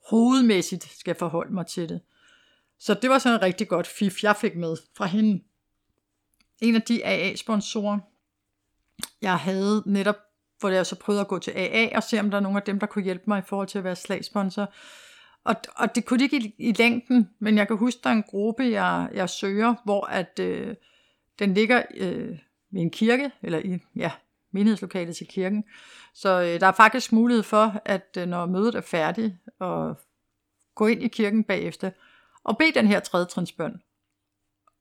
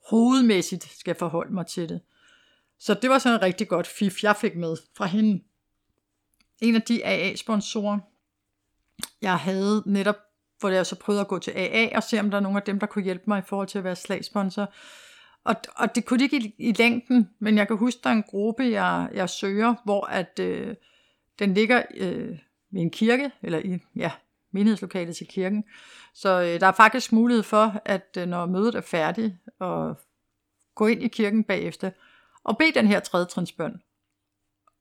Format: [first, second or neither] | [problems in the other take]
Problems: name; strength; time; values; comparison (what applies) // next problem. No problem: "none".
neither | none